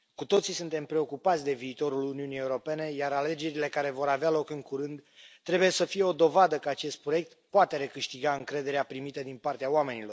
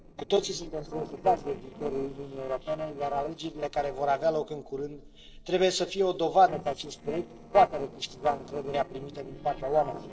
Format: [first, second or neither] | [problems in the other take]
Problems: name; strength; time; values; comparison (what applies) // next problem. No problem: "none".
first | noise reduction (neural separator model SepFormer DNS4)